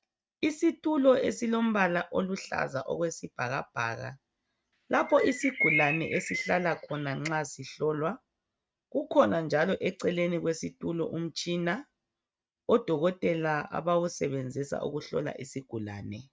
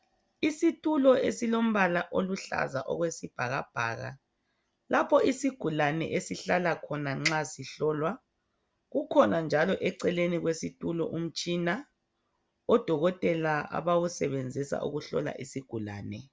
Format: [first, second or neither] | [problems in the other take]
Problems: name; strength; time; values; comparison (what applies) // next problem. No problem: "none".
second | noise reduction (neural mask model RNNoise)